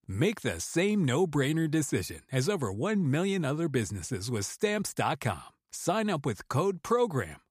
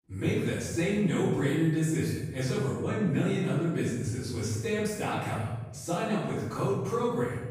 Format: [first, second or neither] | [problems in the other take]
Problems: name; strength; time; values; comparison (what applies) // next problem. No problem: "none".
first | off-mic speech; far // room echo; strong; dies away in 1.1 s